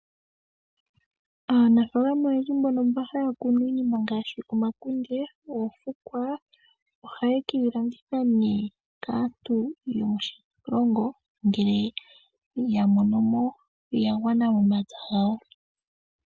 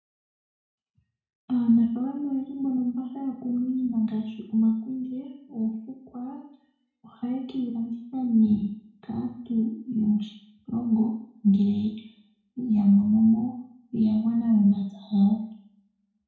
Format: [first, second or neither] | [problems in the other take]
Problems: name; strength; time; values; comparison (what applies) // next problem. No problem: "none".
first | room echo; dies away in 0.6 s